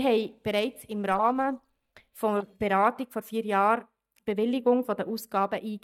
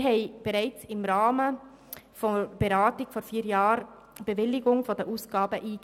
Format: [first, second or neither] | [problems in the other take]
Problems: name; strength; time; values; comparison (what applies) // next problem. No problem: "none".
second | noise reduction (neural mask model DeepFilterNet 3)